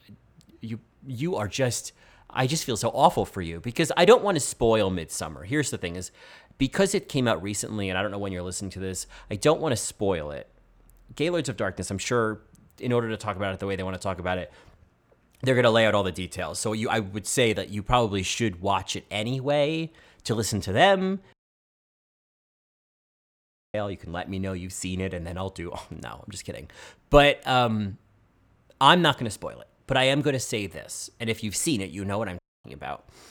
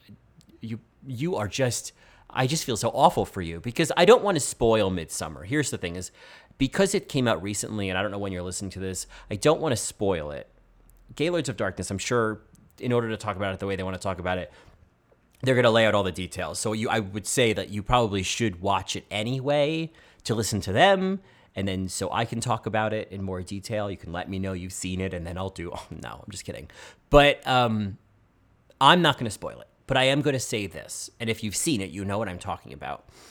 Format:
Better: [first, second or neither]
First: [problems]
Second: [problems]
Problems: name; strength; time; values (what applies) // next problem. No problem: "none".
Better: second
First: audio cutting out; at 21 s for 2.5 s and at 32 s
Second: none